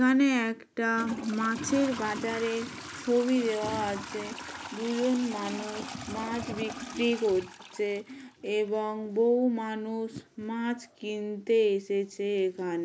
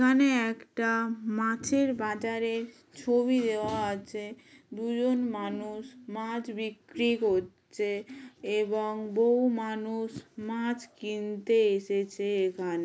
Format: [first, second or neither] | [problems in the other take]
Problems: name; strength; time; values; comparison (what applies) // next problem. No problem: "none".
second | background sound (Trickle, dribble / Toilet flush); 14 dB below the speech